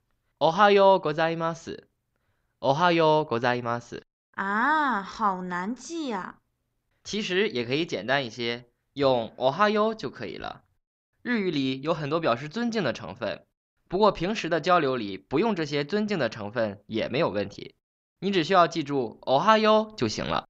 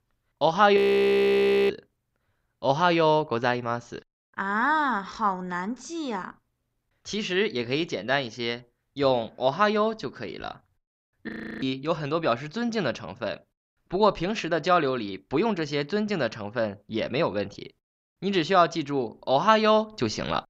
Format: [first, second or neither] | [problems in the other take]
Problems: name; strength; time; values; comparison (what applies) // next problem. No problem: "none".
first | audio freezing; at 1 s for 1 s and at 11 s